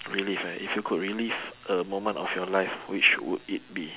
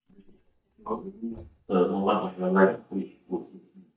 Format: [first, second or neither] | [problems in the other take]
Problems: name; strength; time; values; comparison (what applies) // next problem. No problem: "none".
first | noise reduction (neural mask model DeepFilterNet 3)